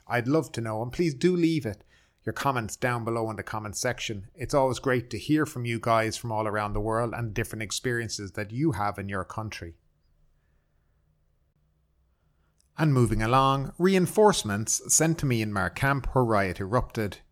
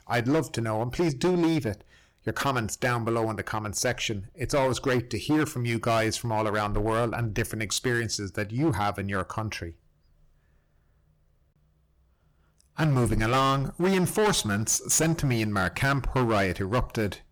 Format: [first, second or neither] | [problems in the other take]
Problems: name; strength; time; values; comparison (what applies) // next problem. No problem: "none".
first | distortion; heavy; 10% of the sound clipped